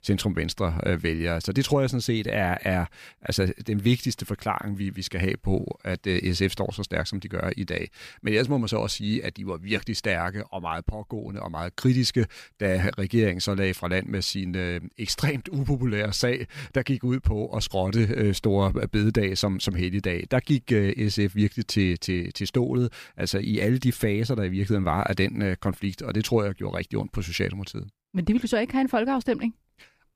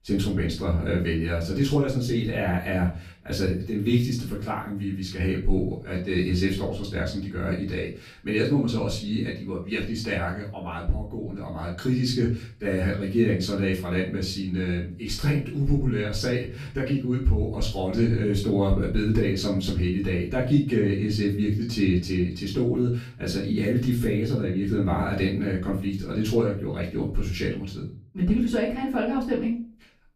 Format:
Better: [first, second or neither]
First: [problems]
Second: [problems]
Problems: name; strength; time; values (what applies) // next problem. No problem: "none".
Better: first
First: none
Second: off-mic speech; far // room echo; slight; dies away in 0.4 s